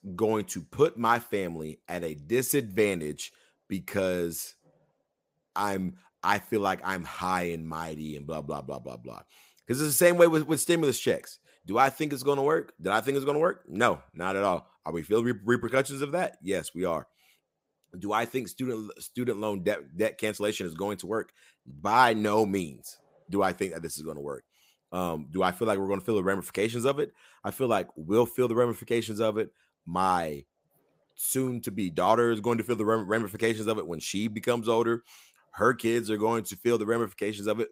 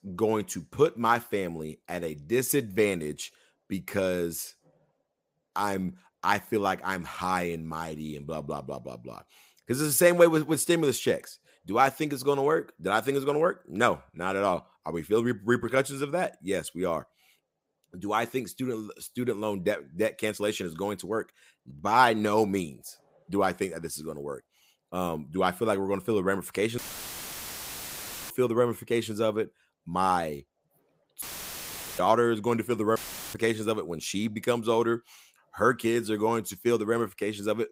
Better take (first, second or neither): first